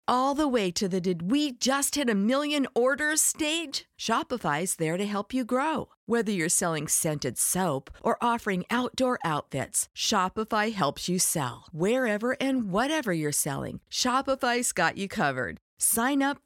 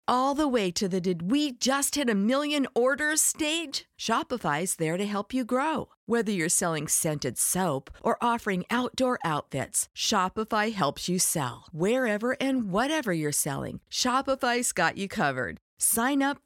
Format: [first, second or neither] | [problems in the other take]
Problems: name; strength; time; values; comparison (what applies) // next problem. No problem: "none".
neither | none